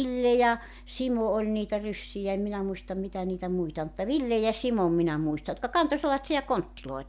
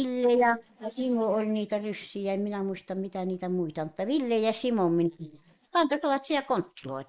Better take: first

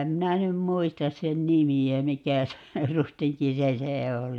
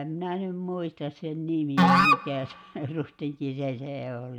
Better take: first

